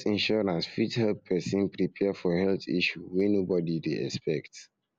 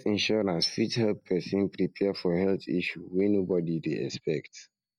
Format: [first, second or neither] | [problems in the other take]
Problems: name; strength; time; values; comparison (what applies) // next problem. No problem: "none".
first | noise reduction (neural mask model DeepFilterNet 3)